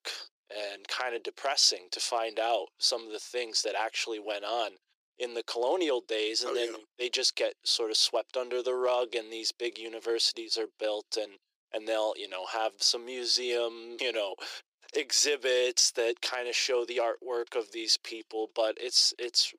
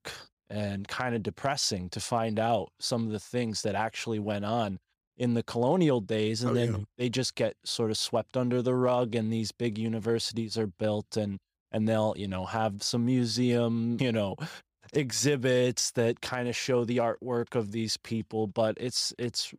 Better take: second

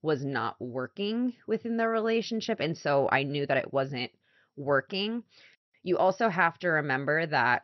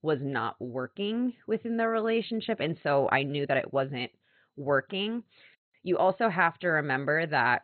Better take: first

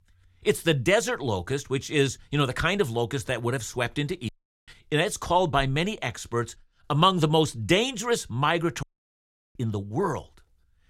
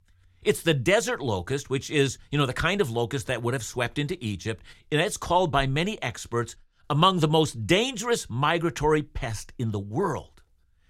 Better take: second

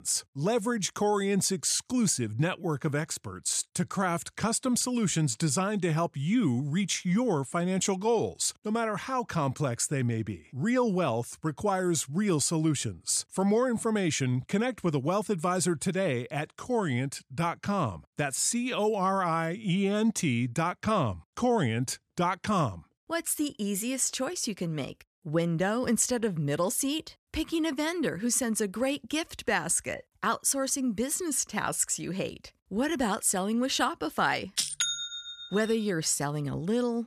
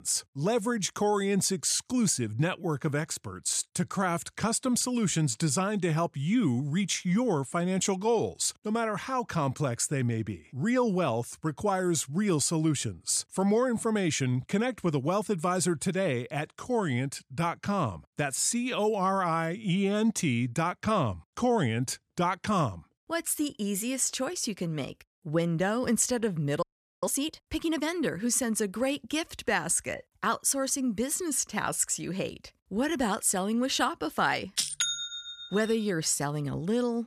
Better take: first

